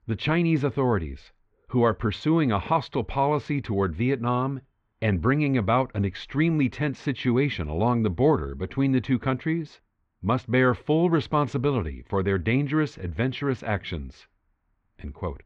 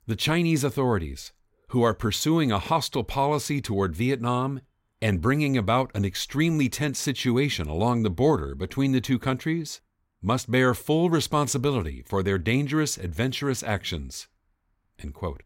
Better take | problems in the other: second | muffled; very; fading above 2.5 kHz

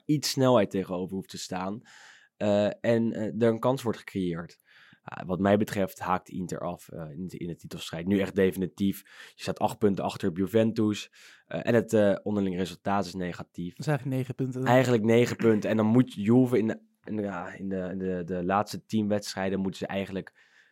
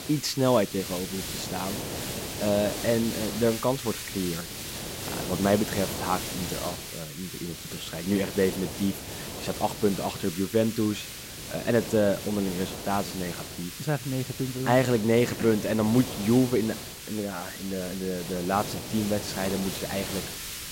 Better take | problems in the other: first | hiss; loud; throughout; 7 dB below the speech

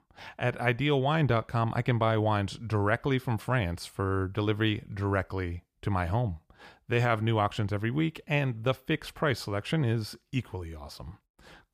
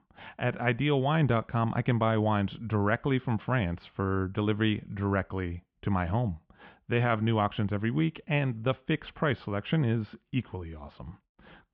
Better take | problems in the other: first | muffled; very; fading above 3 kHz

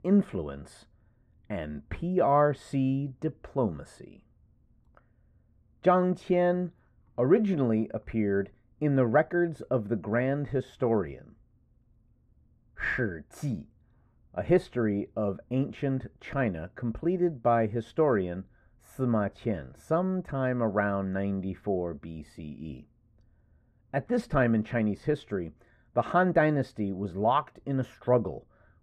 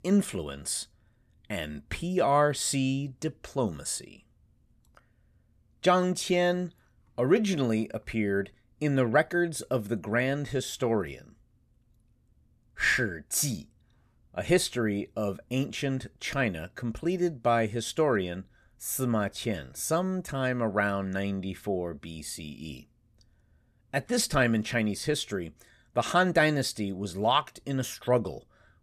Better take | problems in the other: second | muffled; very; fading above 3 kHz

